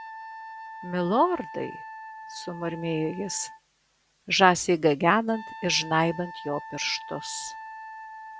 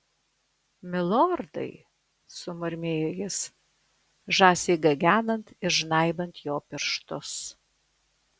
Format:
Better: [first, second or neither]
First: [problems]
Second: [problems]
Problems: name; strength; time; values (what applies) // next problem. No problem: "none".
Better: second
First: background sound (Wind instrument, woodwind instrument); 14 dB below the speech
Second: none